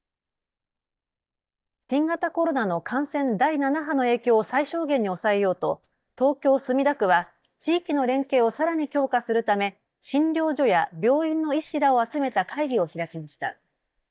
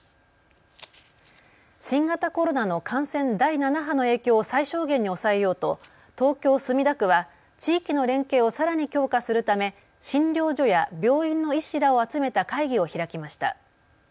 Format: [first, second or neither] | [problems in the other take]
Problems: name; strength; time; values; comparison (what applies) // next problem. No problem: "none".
second | noise reduction (neural mask model DeepFilterNet 3)